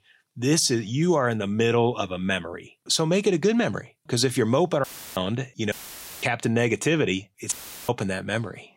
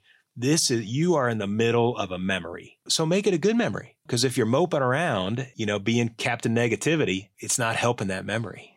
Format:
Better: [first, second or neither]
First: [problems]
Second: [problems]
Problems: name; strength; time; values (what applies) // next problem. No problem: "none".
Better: second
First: audio cutting out; filled with static; at 5 s, at 5.5 s for 0.5 s and at 7.5 s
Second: none